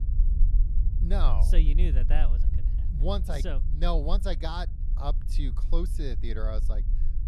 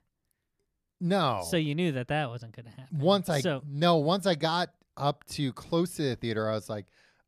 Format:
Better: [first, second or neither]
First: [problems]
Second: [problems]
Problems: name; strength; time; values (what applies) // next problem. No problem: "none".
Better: second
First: low rumble; noticeable; throughout; 10 dB below the speech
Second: none